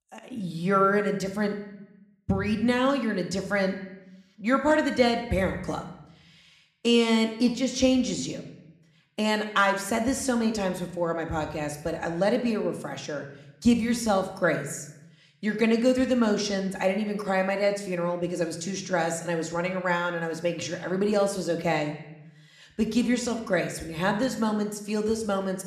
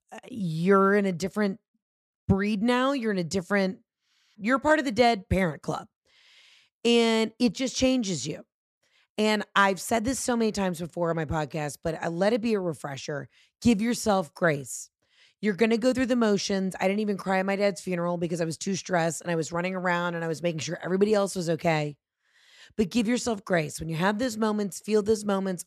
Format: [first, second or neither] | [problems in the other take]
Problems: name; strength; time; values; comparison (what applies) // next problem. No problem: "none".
second | room echo; slight; dies away in 0.7 s